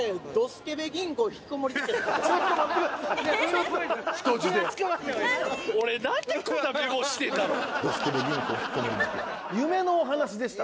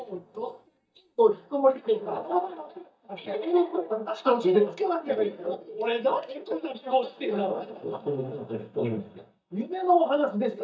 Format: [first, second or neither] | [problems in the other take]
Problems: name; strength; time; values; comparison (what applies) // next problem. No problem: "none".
first | noise reduction (neural mask model DeepFilterNet 3)